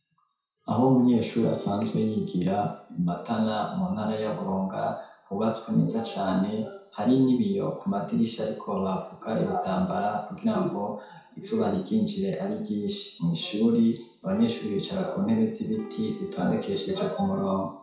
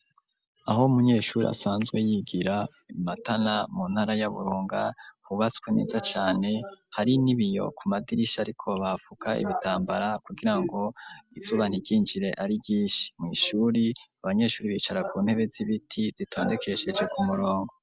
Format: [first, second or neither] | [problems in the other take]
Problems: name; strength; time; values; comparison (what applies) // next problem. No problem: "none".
second | background sound (Acoustic guitar / Strum); 15 dB below the speech // room echo; dies away in 0.6 s